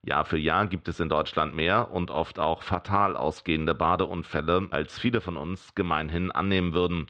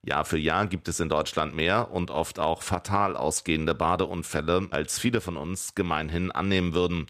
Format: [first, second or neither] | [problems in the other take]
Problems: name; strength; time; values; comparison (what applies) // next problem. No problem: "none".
second | muffled; very; fading above 3.5 kHz